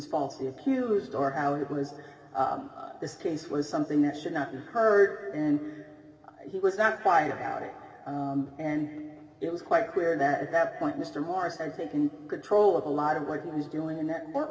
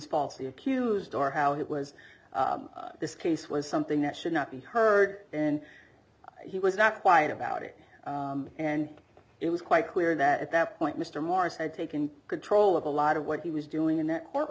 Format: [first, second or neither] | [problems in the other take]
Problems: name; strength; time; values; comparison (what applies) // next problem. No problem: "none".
second | room echo; dies away in 2.2 s